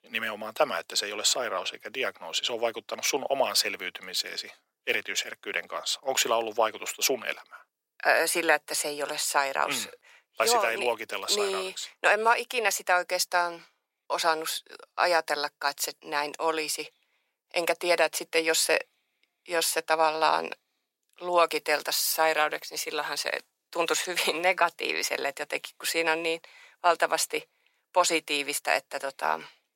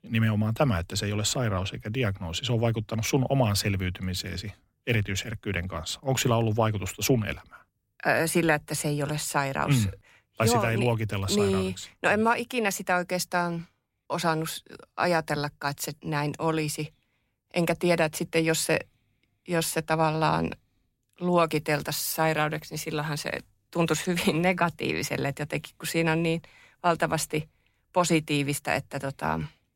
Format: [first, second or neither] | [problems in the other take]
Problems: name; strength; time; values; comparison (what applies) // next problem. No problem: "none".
second | thin; very; fading below 450 Hz